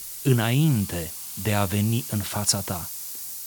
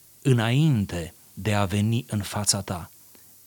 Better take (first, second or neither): second